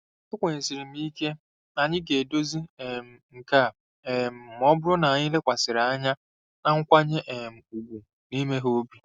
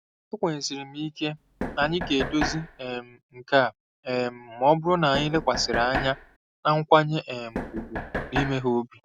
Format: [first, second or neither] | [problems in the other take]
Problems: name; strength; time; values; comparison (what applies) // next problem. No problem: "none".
first | background sound (Knock); 6 dB below the speech